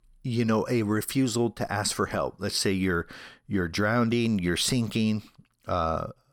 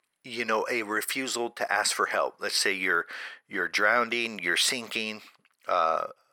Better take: first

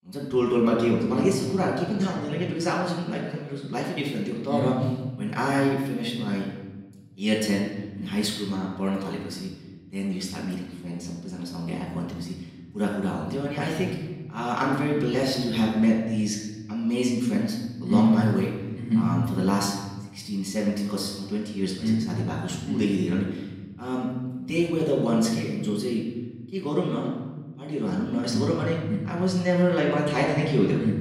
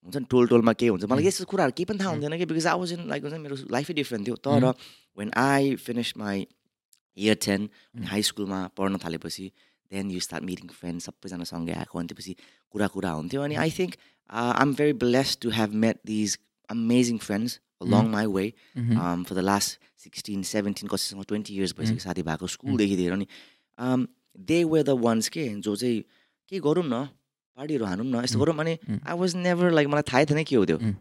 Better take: second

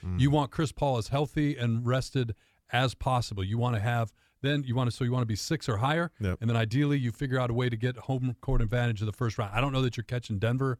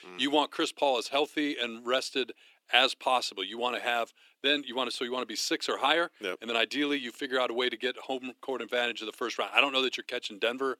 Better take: first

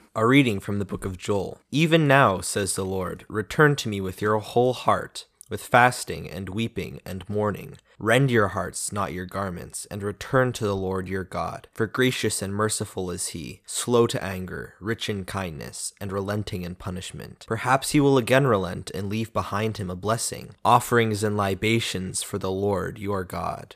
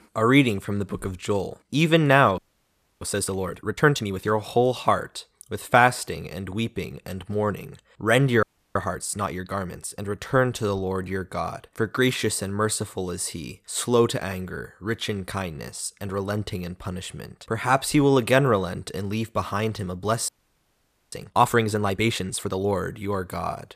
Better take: first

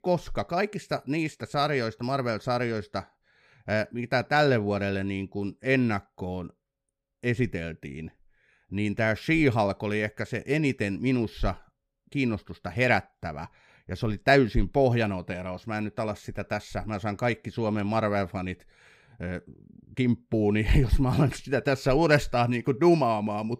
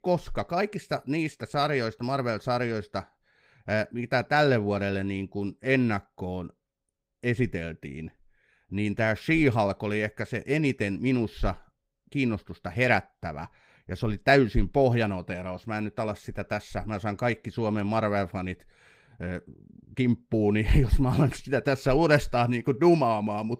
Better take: first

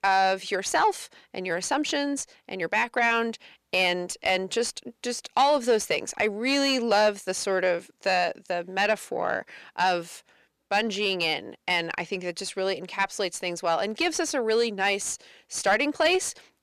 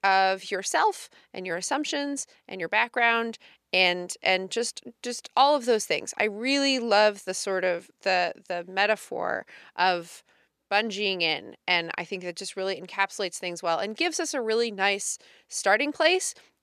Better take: second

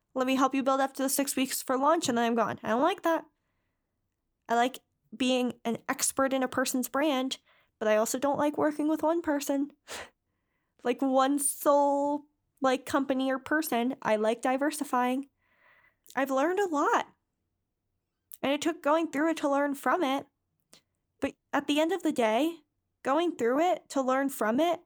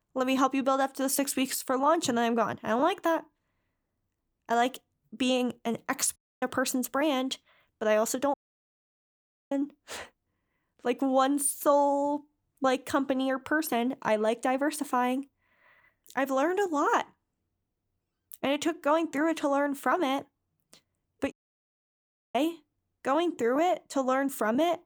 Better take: first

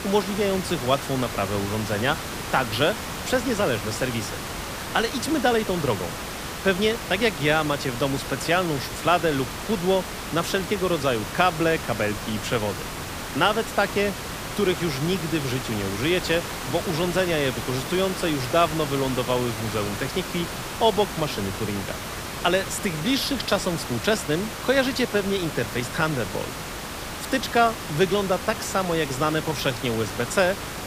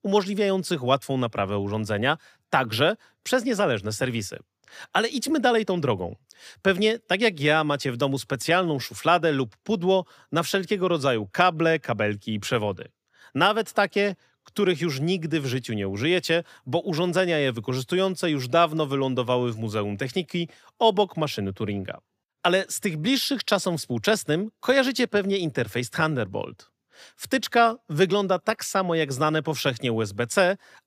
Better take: second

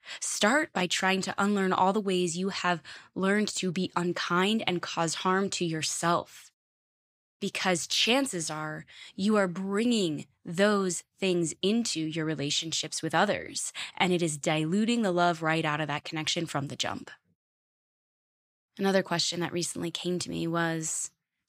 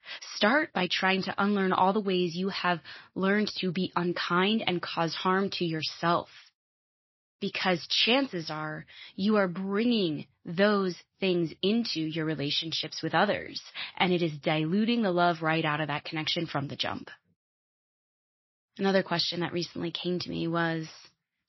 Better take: first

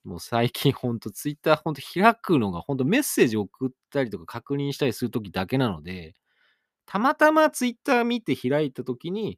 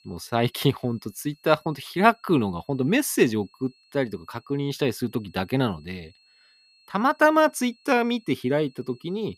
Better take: first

